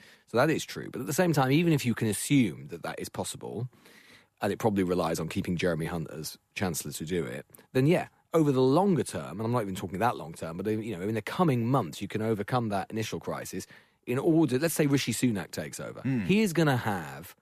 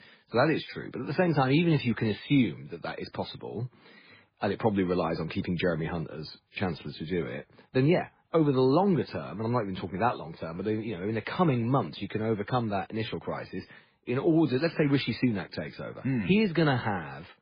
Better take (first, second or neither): first